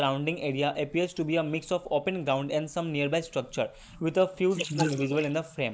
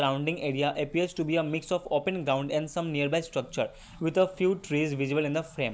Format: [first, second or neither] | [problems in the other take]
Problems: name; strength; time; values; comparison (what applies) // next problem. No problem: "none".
second | noise reduction (neural mask model Resemble Enhance denoiser)